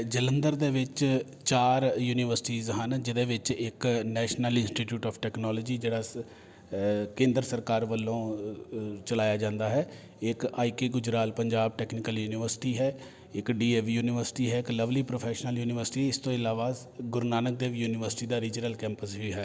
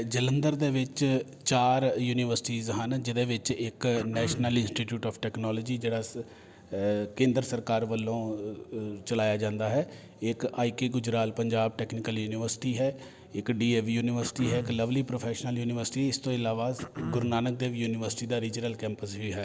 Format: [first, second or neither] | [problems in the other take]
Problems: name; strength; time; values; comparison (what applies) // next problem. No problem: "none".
first | background sound (Cough); 12 dB below the speech